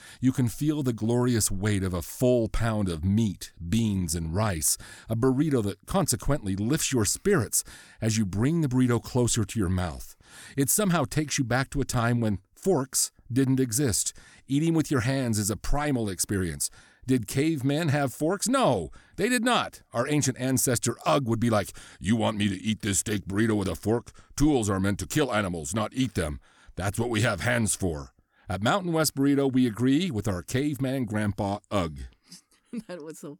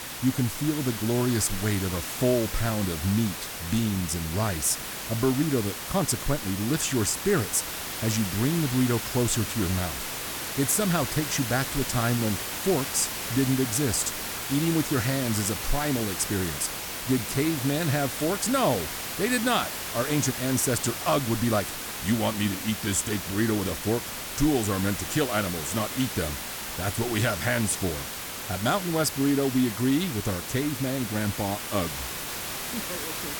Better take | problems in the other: first | hiss; loud; throughout; 5 dB below the speech

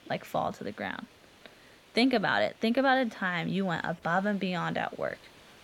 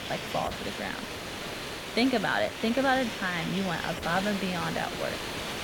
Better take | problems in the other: first | hiss; loud; throughout; 5 dB below the speech; faint in the first

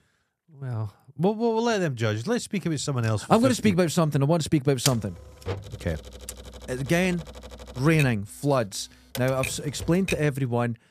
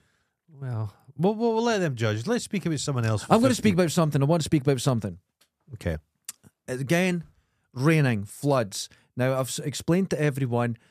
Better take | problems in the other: second | keyboard typing; noticeable; from 5 to 10 s; peak 3 dB below the speech

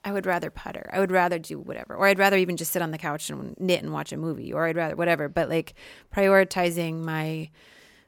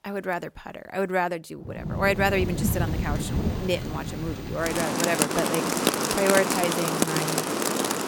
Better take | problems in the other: first | rain or running water; very loud; from 2 s on; 1 dB above the speech

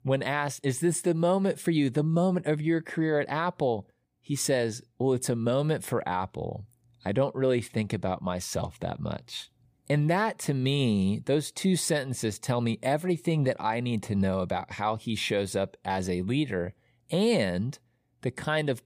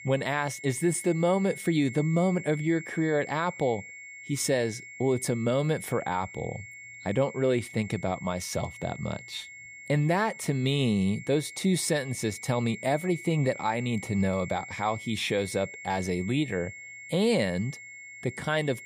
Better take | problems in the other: first | high-pitched whine; noticeable; throughout; 2 kHz, 15 dB below the speech

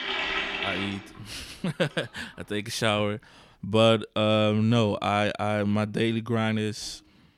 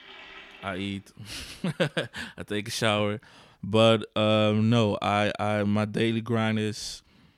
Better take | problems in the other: second | household noises; loud; throughout; 3 dB below the speech; faint in the second

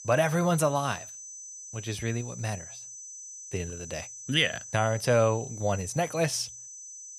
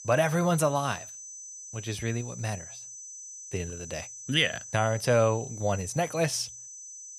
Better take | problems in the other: neither | high-pitched whine; noticeable; throughout; 6 kHz, 10 dB below the speech; the same in both

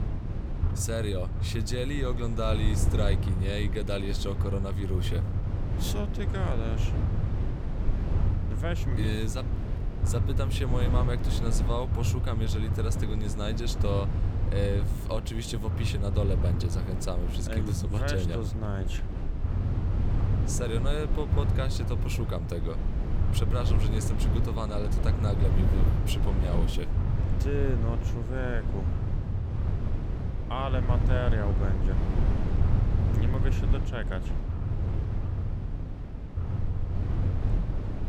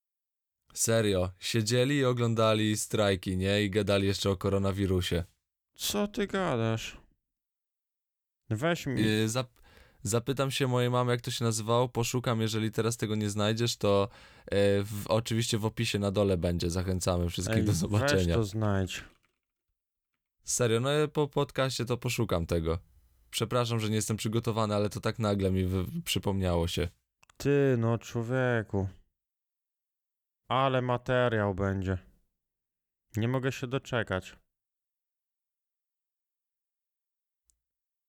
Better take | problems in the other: second | low rumble; loud; throughout; 5 dB below the speech

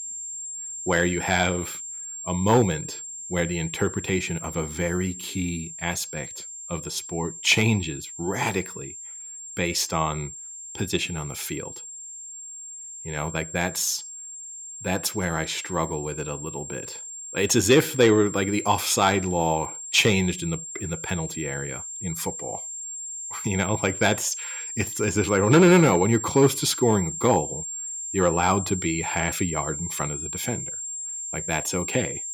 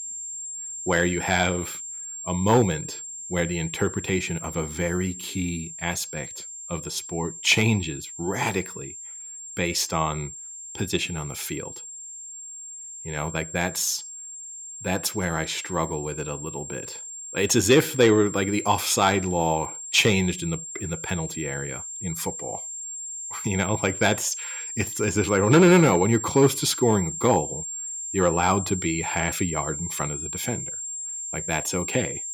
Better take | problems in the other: neither | high-pitched whine; loud; throughout; 7.5 kHz, 9 dB below the speech; the same in both

